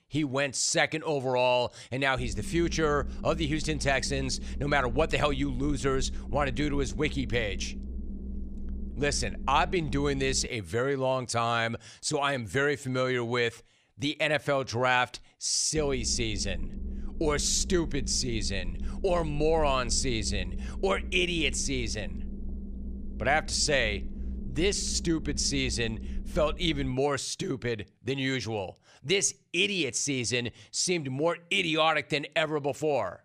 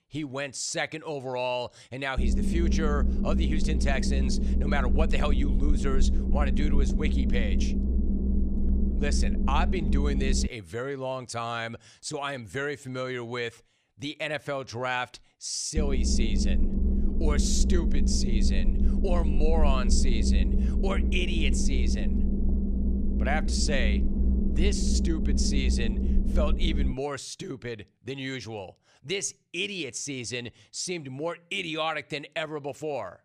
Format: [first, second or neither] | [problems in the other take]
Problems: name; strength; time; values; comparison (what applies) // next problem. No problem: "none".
first | low rumble; loud; from 2 to 10 s and from 16 to 27 s; 6 dB below the speech; faint in the first